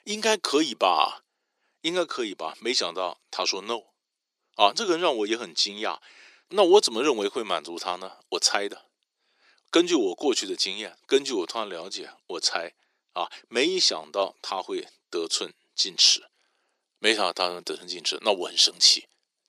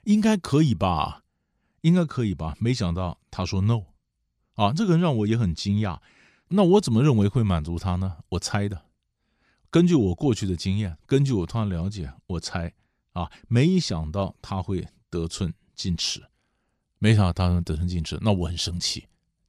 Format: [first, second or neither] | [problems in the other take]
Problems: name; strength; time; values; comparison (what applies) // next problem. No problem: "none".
second | thin; very; fading below 350 Hz